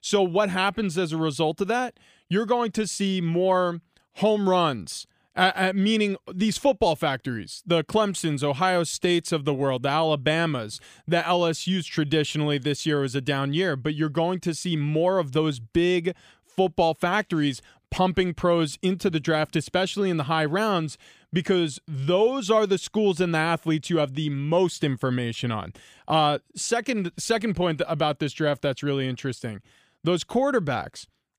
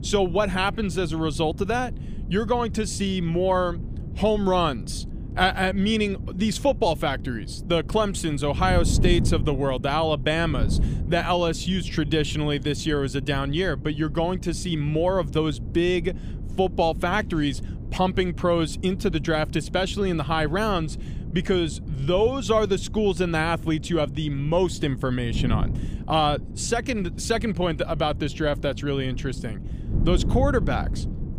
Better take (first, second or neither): first